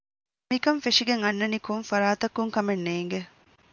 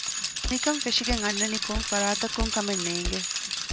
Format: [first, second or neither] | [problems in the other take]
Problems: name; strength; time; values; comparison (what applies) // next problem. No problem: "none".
first | background sound (Bicycle); 1 dB above the speech